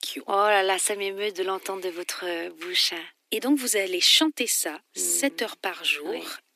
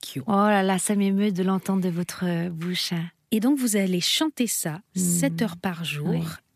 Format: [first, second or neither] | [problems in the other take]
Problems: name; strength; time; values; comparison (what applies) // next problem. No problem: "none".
second | thin; somewhat; fading below 300 Hz